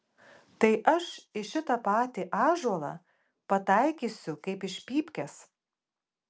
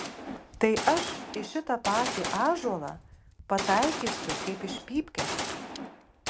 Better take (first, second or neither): first